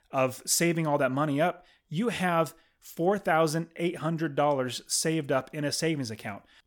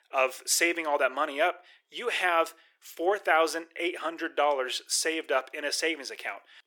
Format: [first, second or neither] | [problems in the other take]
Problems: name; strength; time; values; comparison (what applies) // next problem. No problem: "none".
first | thin; very; fading below 350 Hz